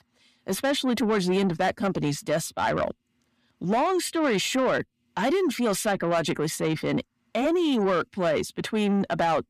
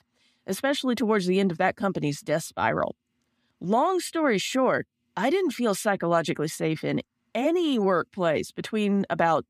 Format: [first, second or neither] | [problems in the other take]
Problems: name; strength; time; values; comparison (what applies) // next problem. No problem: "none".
second | distortion; slight; 10 dB below the speech